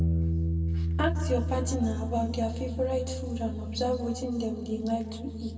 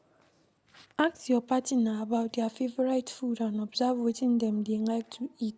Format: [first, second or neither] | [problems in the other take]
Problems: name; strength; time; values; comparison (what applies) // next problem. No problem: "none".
second | background sound (Bass guitar); as loud as the speech // room echo; dies away in 2 s